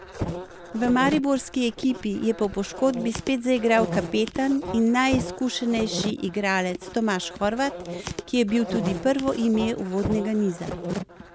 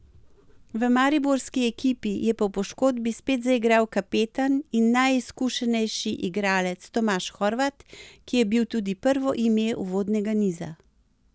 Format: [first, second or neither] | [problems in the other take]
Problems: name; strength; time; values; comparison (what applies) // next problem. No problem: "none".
second | background sound (Insect); 9 dB below the speech